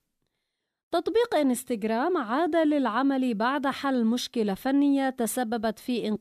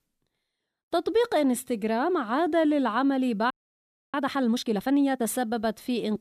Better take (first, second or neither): first